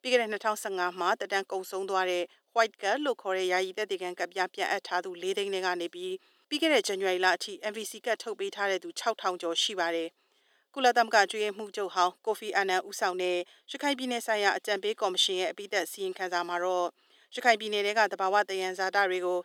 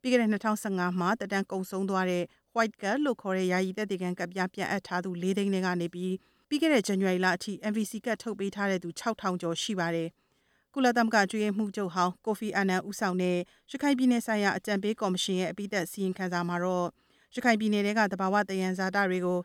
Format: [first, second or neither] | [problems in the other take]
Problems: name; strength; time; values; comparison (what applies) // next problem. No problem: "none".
second | thin; very; fading below 350 Hz